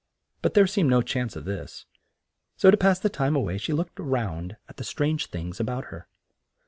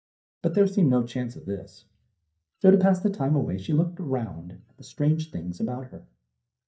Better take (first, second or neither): first